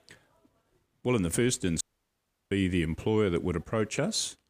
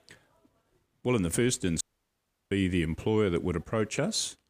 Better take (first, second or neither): neither